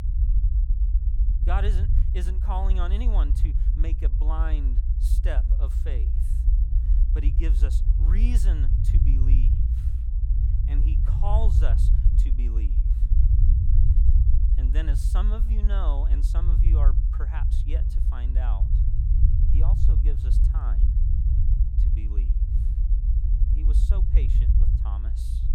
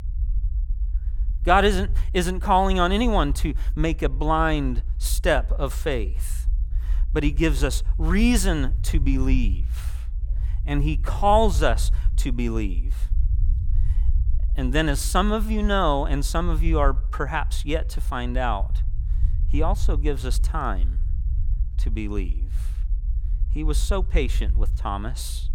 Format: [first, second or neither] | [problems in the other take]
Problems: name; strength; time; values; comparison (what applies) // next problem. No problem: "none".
second | low rumble; loud; throughout; 4 dB below the speech; faint in the second